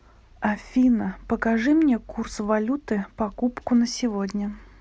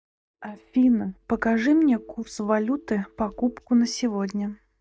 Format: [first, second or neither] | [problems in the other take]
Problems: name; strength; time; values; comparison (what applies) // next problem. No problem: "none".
first | noise reduction (neural mask model DeepFilterNet 3)